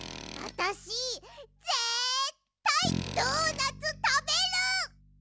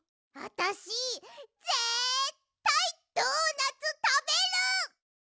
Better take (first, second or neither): second